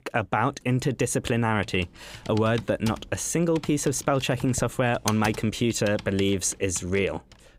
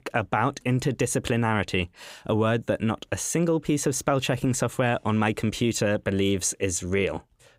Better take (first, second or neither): second